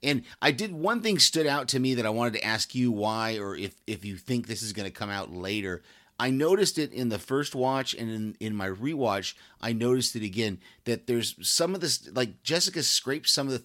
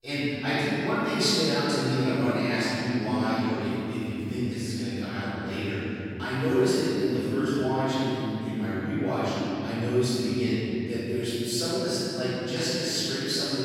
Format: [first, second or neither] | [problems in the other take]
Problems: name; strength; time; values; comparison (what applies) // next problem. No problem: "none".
first | off-mic speech; far // room echo; strong; dies away in 3 s